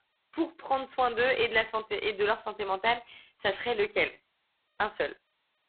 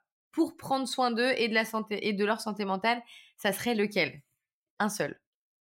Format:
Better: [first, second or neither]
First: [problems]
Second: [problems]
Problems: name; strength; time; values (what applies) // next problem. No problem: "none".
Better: second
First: phone-call audio; poor line; nothing above 3.5 kHz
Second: none